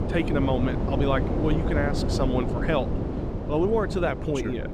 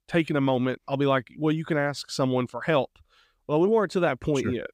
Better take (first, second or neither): second